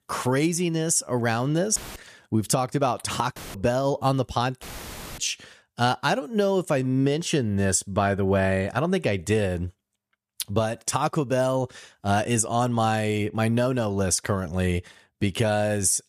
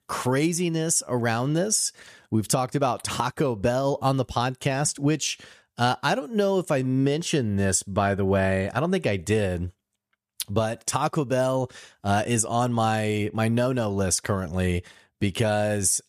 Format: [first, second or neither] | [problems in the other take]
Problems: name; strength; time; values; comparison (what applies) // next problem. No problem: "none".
second | audio cutting out; filled with static; at 2 s, at 3.5 s and at 4.5 s for 0.5 s